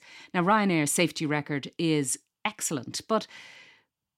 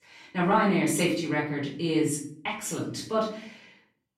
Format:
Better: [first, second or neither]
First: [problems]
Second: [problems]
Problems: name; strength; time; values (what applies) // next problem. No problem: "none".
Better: first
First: none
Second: off-mic speech; far // room echo; noticeable; dies away in 0.5 s